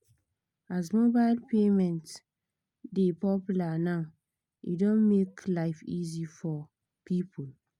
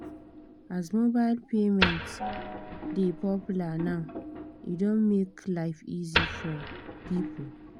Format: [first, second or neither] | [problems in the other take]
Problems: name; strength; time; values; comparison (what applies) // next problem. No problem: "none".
first | background sound (Wood + Gong); 6 dB below the speech